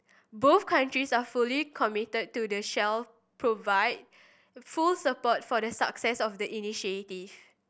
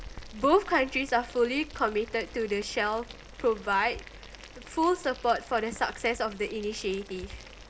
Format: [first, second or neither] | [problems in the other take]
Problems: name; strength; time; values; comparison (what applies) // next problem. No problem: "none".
first | background sound (Boiling); 16 dB below the speech // room echo; dies away in 0.3 s